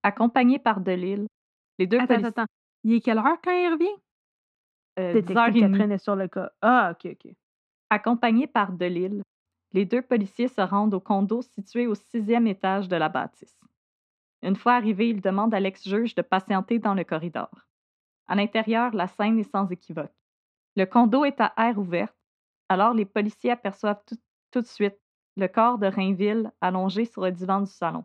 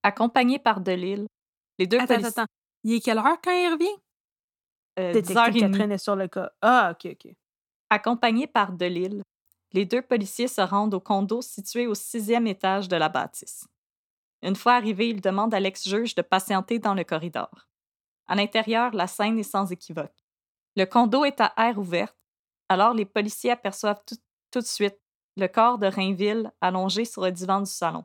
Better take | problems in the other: second | muffled; slightly; fading above 2 kHz

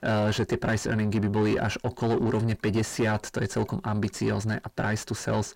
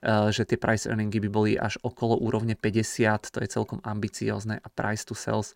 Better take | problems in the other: second | distortion; heavy; 7 dB below the speech

